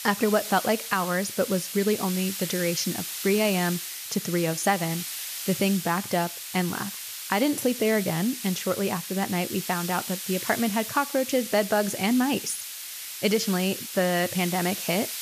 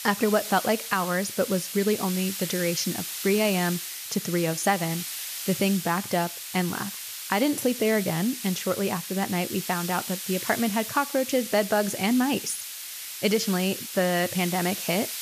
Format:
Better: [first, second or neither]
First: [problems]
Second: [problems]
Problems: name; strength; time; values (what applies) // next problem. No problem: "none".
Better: neither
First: hiss; loud; throughout; 6 dB below the speech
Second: hiss; loud; throughout; 6 dB below the speech